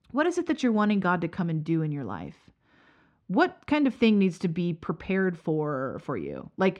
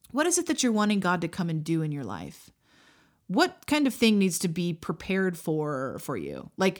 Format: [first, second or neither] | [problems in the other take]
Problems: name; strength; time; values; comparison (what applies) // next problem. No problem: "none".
second | muffled; very; fading above 2.5 kHz